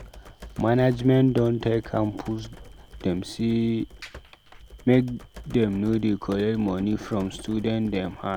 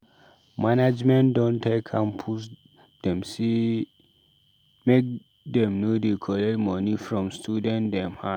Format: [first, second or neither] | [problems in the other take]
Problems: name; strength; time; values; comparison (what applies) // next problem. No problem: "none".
second | background sound (Computer keyboard); 19 dB below the speech